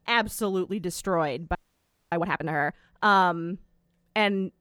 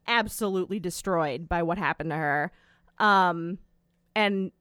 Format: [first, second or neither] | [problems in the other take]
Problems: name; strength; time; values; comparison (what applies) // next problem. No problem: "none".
second | audio freezing; at 1.5 s for 0.5 s